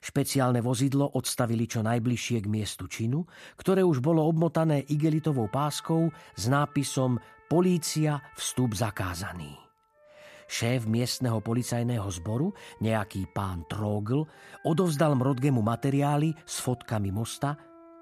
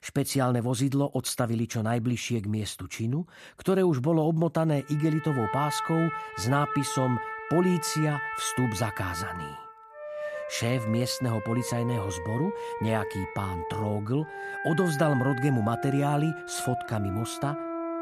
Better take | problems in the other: first | background music; loud; from 5 s on; 7 dB below the speech; faint in the first

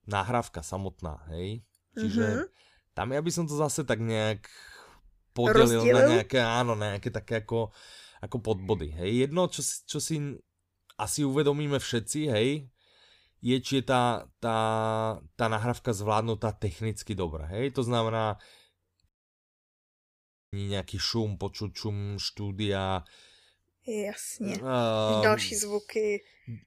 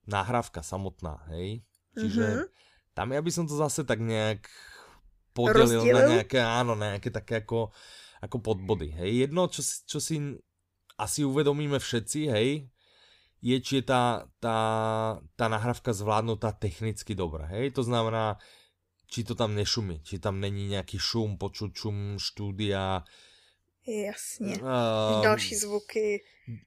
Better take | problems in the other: second | audio cutting out; at 19 s for 1.5 s

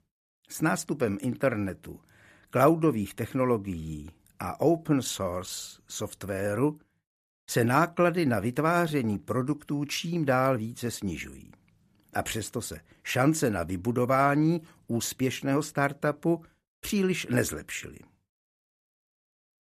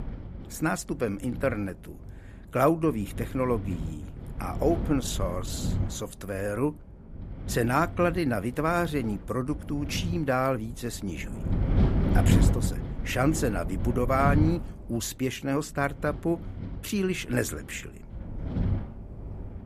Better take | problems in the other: first | wind noise on the microphone; occasional gusts; 10 dB below the speech

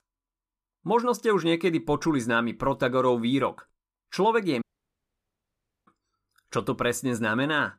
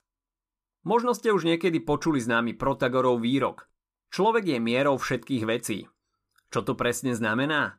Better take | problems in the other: second | audio cutting out; at 4.5 s for 1.5 s

